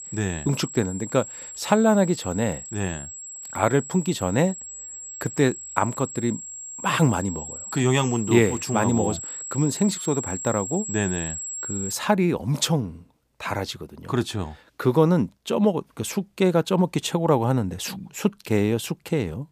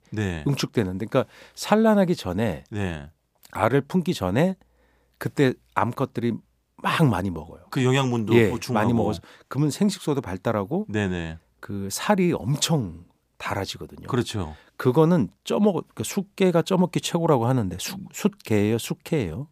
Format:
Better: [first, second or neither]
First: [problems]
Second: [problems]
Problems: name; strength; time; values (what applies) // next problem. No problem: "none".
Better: second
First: high-pitched whine; loud; until 12 s; 7.5 kHz, 9 dB below the speech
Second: none